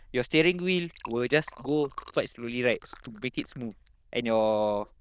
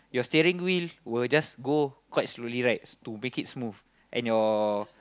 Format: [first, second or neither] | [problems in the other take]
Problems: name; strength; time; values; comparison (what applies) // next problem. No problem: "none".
second | noise reduction (neural diffusion model UNIVERSE++)